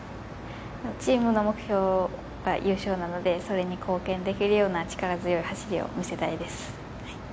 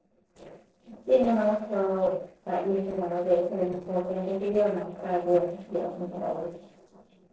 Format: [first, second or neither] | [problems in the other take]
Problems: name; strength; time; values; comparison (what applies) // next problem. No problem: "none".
first | noise reduction (neural separator model SepFormer DNS4)